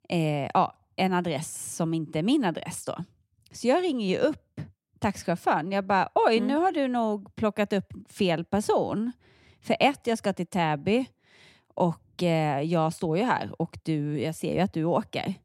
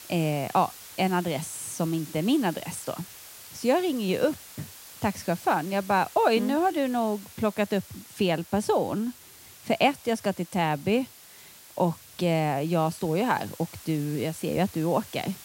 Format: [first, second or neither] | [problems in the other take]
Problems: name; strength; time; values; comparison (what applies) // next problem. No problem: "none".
first | hiss; noticeable; throughout; 15 dB below the speech